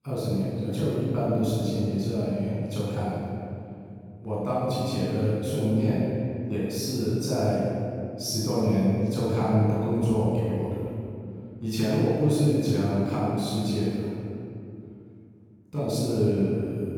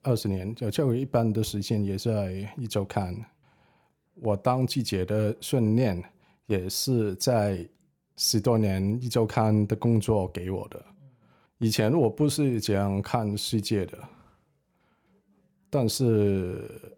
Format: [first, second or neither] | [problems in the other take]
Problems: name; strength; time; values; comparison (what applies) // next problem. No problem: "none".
second | off-mic speech; far // room echo; strong; dies away in 2.5 s